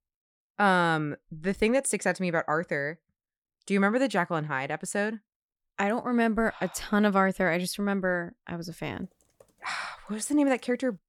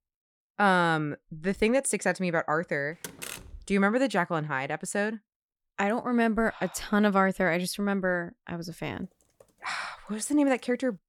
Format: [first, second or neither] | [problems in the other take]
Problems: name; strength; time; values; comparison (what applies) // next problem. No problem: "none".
first | door banging; faint; at 3 s; peak 10 dB below the speech